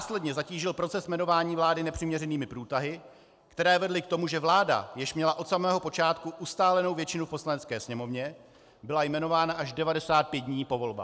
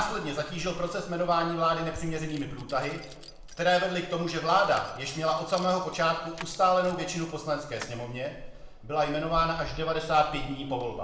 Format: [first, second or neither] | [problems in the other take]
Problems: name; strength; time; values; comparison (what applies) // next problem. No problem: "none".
first | background sound (Keys jangling); 14 dB below the speech // room echo; dies away in 0.8 s